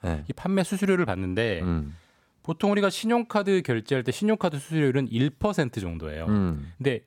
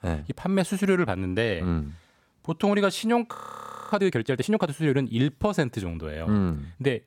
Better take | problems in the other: first | audio freezing; at 3.5 s for 0.5 s

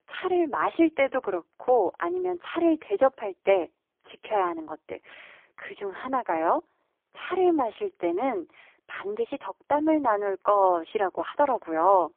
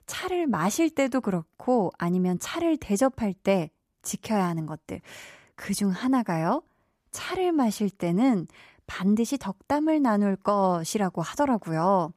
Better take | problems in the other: second | phone-call audio; poor line

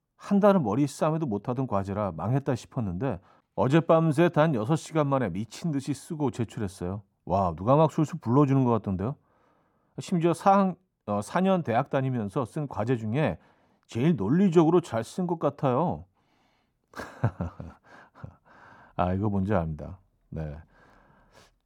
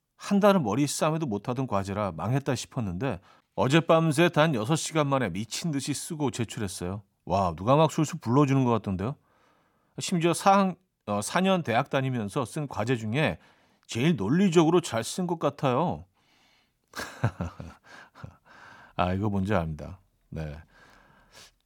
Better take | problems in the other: second | muffled; slightly; fading above 1.5 kHz

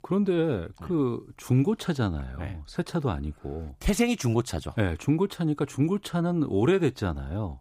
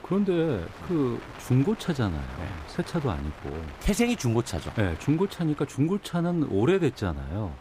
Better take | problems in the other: first | wind noise on the microphone; occasional gusts; 15 dB below the speech

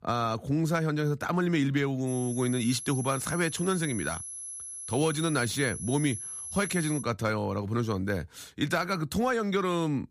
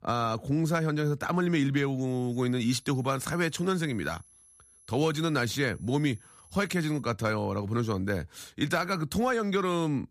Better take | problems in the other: second | high-pitched whine; loud; from 2 to 7 s; 11 kHz, 8 dB below the speech; faint in the second

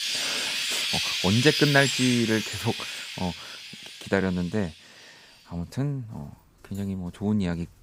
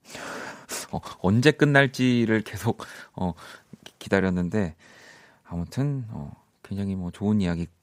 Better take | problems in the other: second | animal sounds; loud; throughout; as loud as the speech

